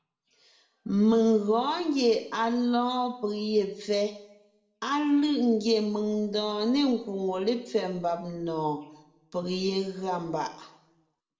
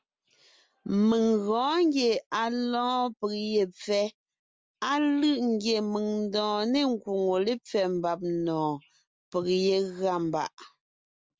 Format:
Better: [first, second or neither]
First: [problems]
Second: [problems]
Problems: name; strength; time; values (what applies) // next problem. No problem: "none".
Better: second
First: room echo; dies away in 0.7 s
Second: none